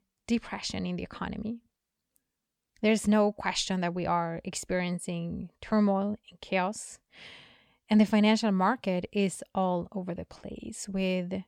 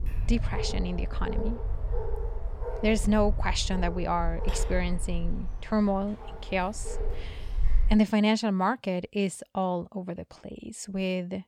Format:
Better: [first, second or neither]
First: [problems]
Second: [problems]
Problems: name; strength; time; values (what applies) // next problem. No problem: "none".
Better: first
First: none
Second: dog barking; noticeable; until 8 s; peak level with the speech